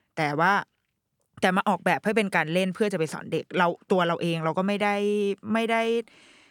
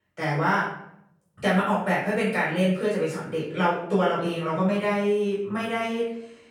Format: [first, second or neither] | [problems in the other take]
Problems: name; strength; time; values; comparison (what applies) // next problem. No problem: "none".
first | off-mic speech; far // room echo; noticeable; dies away in 0.6 s